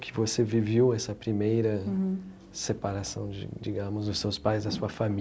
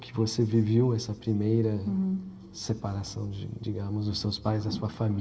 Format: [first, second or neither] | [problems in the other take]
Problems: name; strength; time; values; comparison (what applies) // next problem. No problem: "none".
first | room echo; dies away in 2.4 s